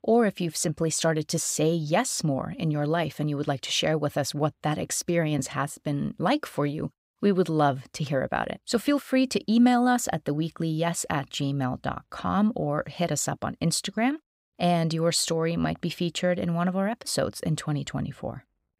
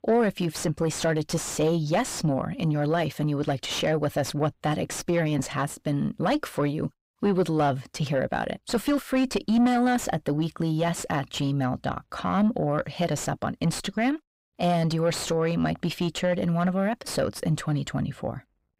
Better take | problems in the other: first | distortion; slight; 9 dB below the speech

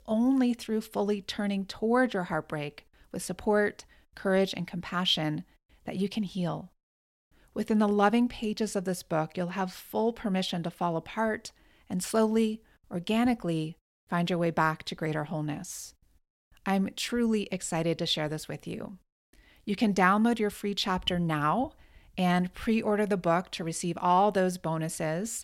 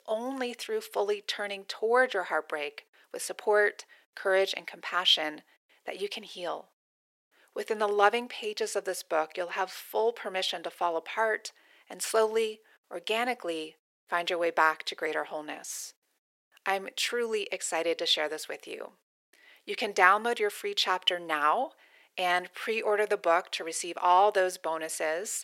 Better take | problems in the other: first | thin; very; fading below 400 Hz

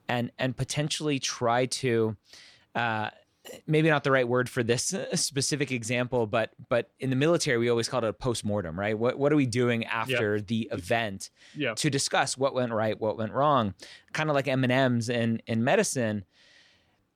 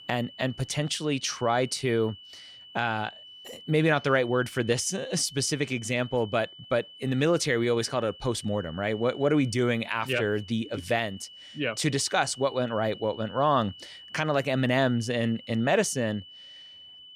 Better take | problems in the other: first | high-pitched whine; noticeable; throughout; 3 kHz, 20 dB below the speech

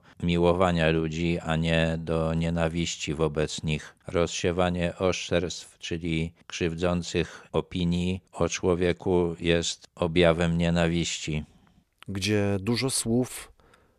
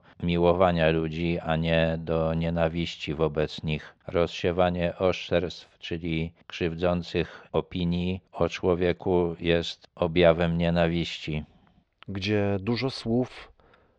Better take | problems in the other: first | muffled; slightly; fading above 4.5 kHz

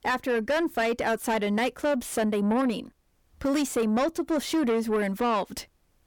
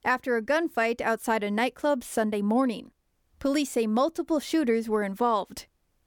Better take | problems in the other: second | distortion; slight; 10 dB below the speech

